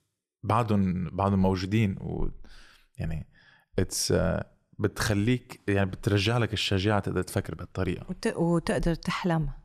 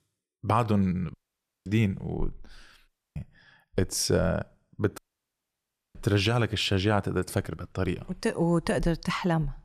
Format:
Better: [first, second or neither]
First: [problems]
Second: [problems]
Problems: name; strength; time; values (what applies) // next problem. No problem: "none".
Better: first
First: none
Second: audio cutting out; at 1 s for 0.5 s, at 3 s and at 5 s for 1 s